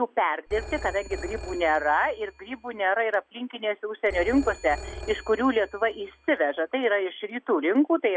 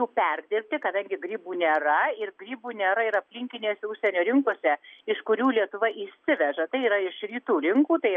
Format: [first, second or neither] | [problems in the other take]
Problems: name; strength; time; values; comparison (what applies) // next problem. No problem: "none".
second | background sound (Telephone); 15 dB below the speech